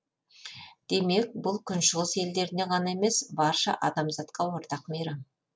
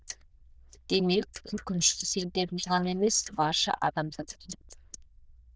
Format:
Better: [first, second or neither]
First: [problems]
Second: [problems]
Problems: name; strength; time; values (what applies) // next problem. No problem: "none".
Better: first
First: none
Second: noise reduction (neural diffusion model UNIVERSE++)